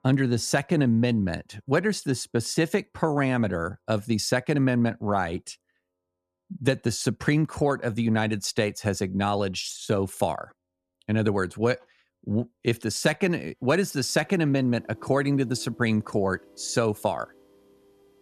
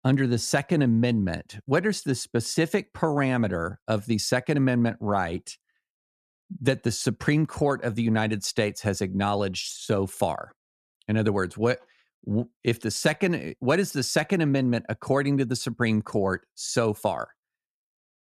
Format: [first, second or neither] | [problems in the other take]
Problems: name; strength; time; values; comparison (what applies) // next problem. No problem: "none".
second | background music; faint; throughout; 25 dB below the speech